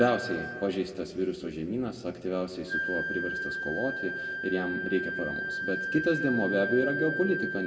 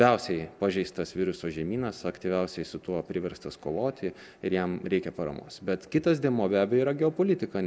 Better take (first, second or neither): second